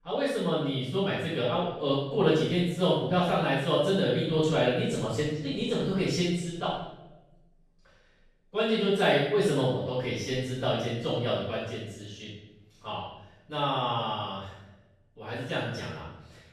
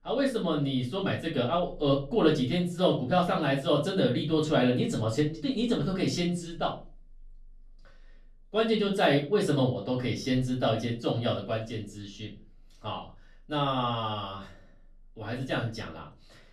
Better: second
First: room echo; strong; dies away in 0.8 s // off-mic speech; far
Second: room echo; slight; dies away in 0.3 s // off-mic speech; far

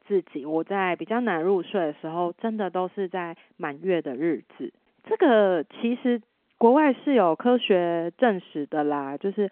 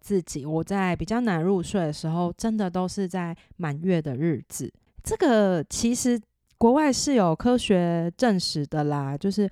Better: second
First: phone-call audio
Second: none

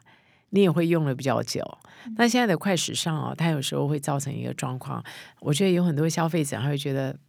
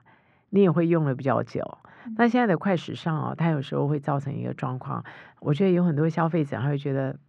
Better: first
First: none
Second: muffled; very; fading above 1.5 kHz

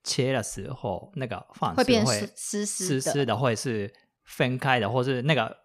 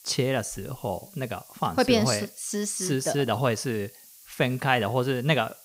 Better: first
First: none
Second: hiss; faint; throughout; 20 dB below the speech

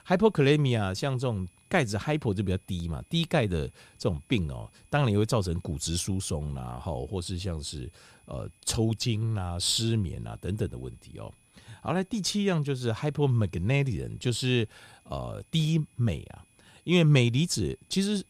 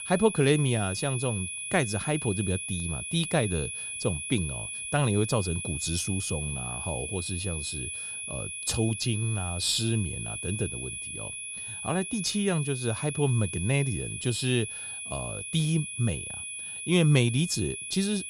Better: first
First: high-pitched whine; faint; throughout; 2.5 kHz, 35 dB below the speech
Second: high-pitched whine; loud; throughout; 2.5 kHz, 5 dB below the speech

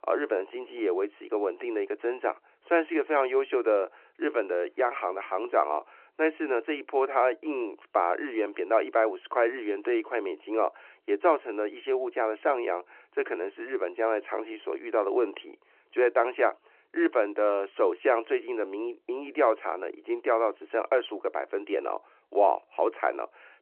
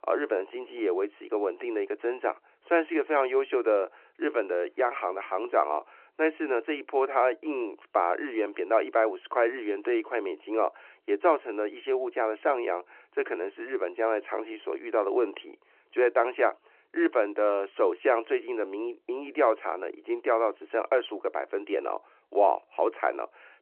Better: neither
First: phone-call audio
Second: phone-call audio

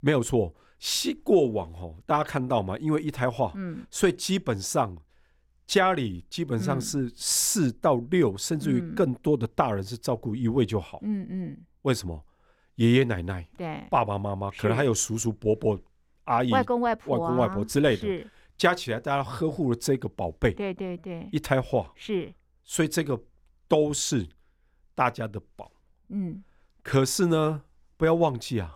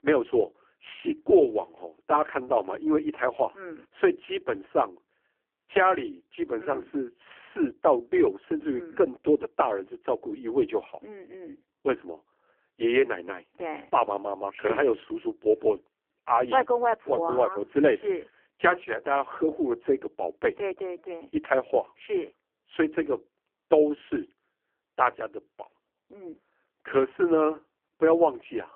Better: first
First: none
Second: phone-call audio; poor line

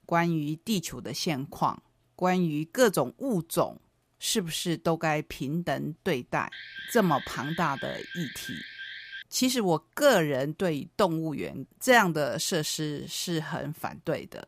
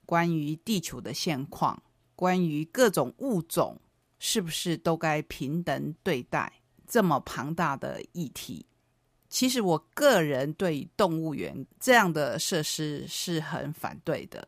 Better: second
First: alarm; faint; from 6.5 to 9 s; peak 10 dB below the speech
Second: none

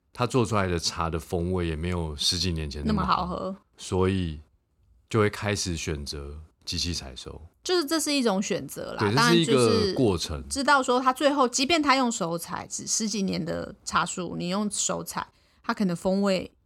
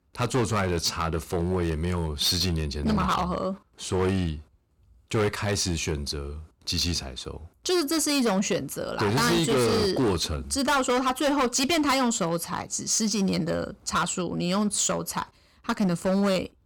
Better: first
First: none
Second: distortion; heavy; 12% of the sound clipped

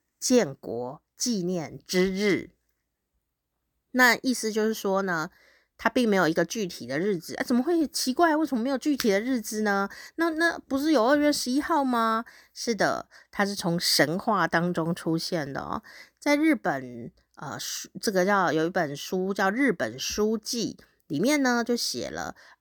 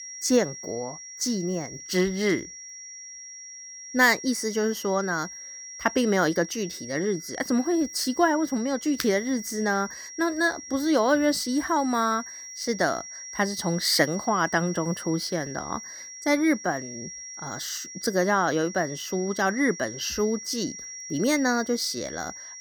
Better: first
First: none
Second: high-pitched whine; noticeable; throughout; 5.5 kHz, 10 dB below the speech

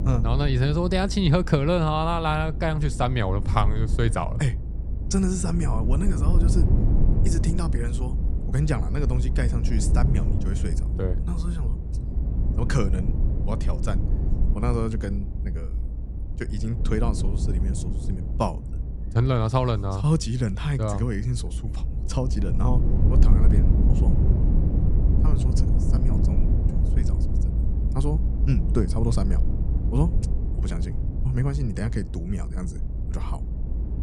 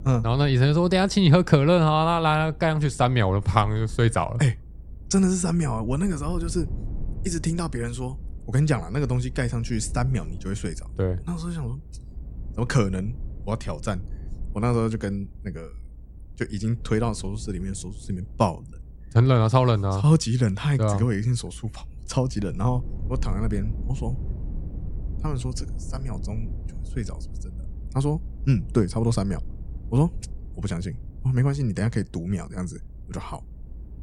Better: second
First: low rumble; loud; throughout; 9 dB below the speech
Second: low rumble; faint; throughout; 25 dB below the speech

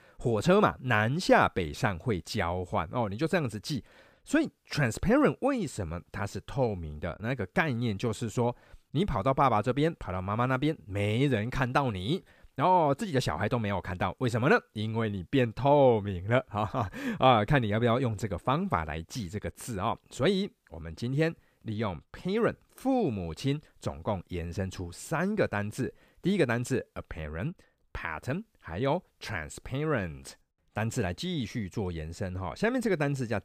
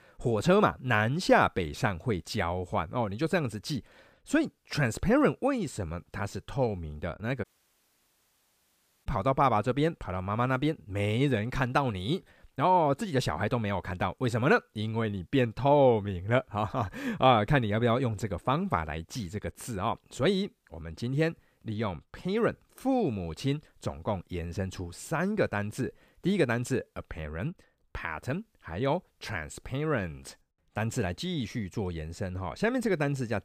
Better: first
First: none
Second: audio cutting out; at 7.5 s for 1.5 s

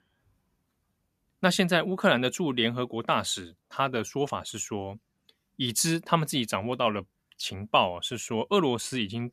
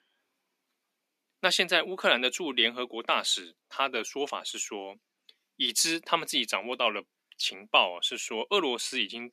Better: first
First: none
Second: thin; somewhat; fading below 300 Hz

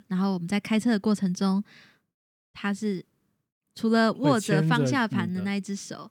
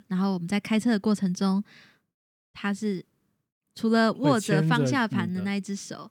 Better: neither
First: none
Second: none

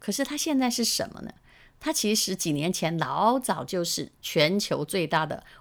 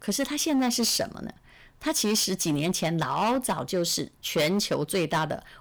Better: first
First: none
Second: distortion; slight; 9% of the sound clipped

